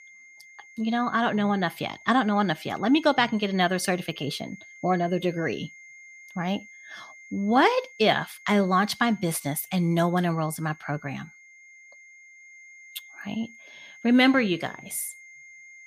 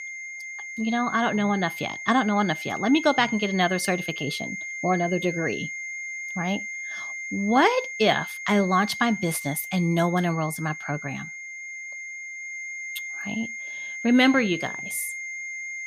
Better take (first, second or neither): first